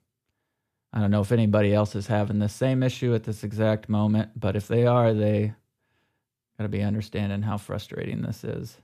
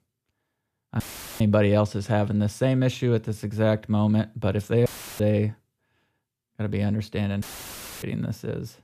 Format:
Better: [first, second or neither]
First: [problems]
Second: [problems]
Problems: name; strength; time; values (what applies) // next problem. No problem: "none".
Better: first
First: none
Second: audio cutting out; filled with static; at 1 s, at 5 s and at 7.5 s for 0.5 s